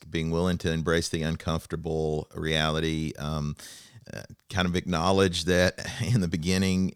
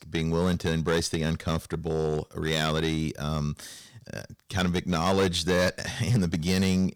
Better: first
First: none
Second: distortion; slight; 5% of the sound clipped

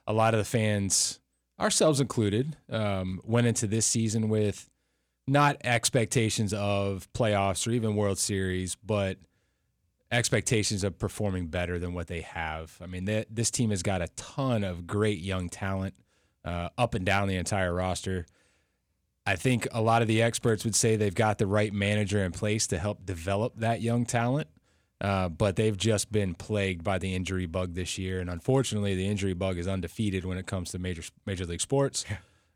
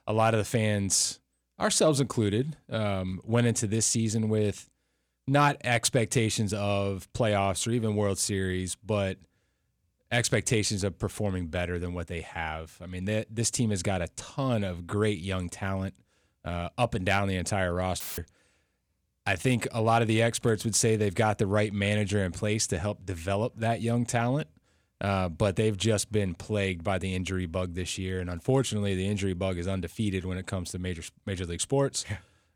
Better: first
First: none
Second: audio cutting out; filled with static; at 18 s

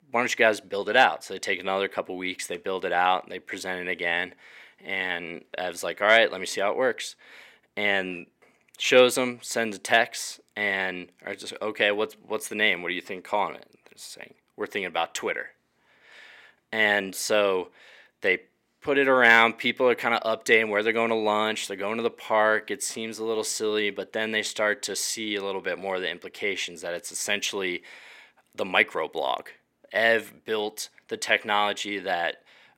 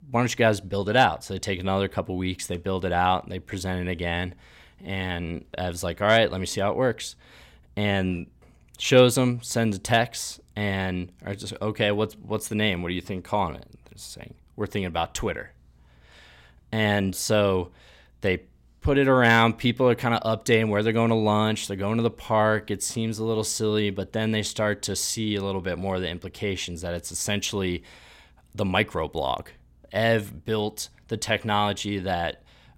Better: second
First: thin; somewhat; fading below 400 Hz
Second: none

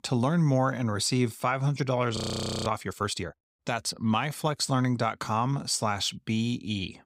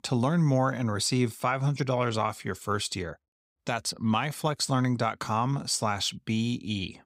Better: second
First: audio freezing; at 2 s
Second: none

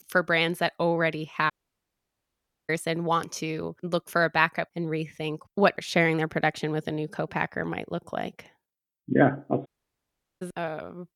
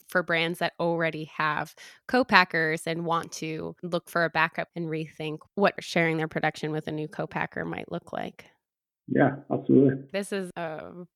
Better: second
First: audio cutting out; at 1.5 s for 1 s and at 9.5 s for 1 s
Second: none

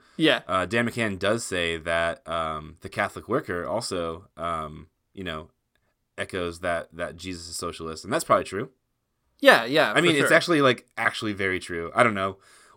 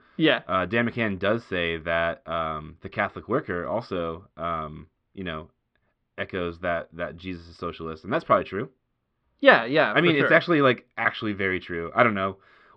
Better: first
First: none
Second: muffled; slightly; fading above 3.5 kHz

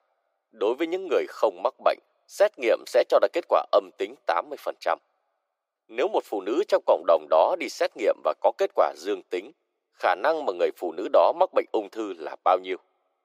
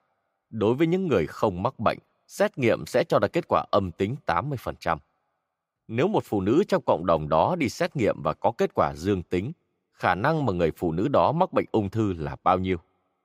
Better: second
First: thin; very; fading below 350 Hz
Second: none

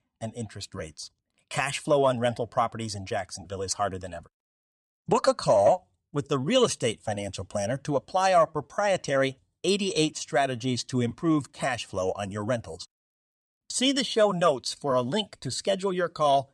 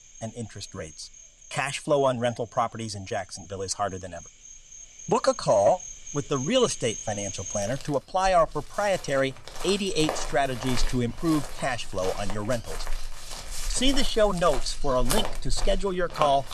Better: first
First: none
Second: animal sounds; loud; throughout; 10 dB below the speech

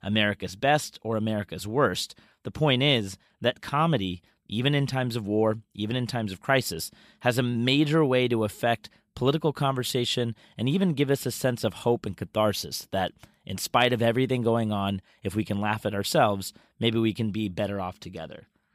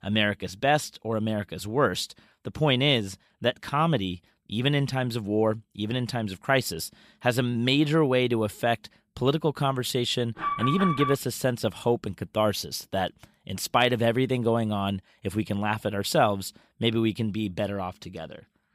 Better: first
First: none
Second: alarm; noticeable; at 10 s; peak 2 dB below the speech

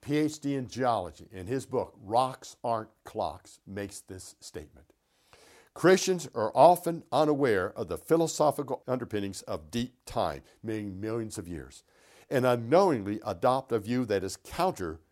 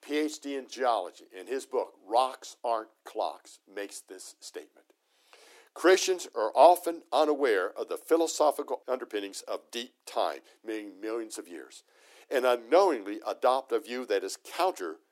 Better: first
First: none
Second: thin; somewhat; fading below 300 Hz

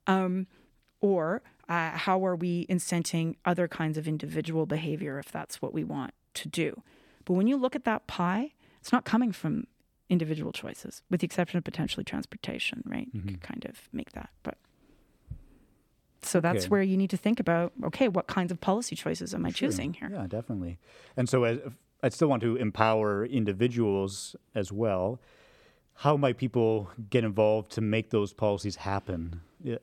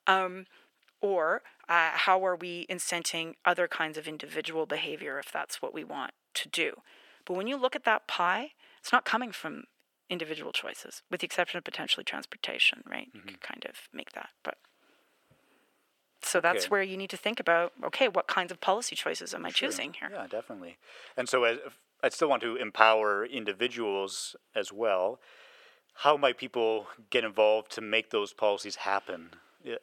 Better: first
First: none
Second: thin; very; fading below 550 Hz

